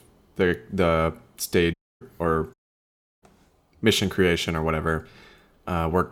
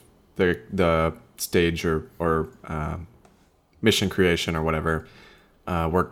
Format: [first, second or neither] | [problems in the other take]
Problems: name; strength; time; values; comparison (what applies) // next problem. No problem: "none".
second | audio cutting out; at 1.5 s and at 2.5 s for 0.5 s